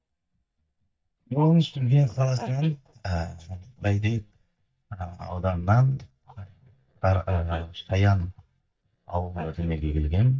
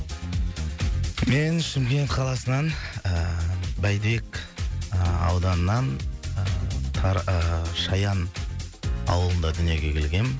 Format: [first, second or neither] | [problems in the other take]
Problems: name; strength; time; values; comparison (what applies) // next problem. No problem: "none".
second | noise reduction (neural mask model DeepFilterNet 3)